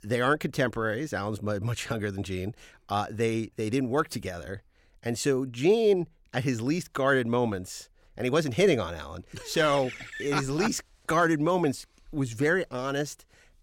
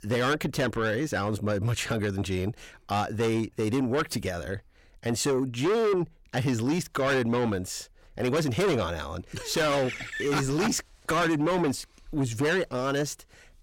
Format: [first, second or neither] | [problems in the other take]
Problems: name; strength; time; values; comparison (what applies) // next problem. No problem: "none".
first | distortion; heavy; 7 dB below the speech